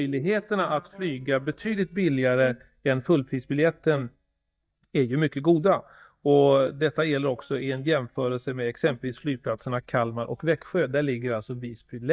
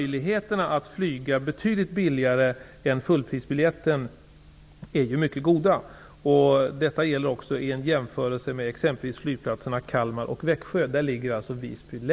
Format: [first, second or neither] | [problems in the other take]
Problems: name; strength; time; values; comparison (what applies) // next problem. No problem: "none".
second | noise reduction (neural mask model DeepFilterNet 3)